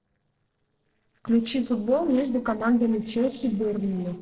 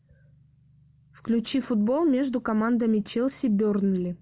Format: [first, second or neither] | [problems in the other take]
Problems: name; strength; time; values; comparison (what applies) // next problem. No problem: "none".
second | noise reduction (neural separator model SepFormer DNS4)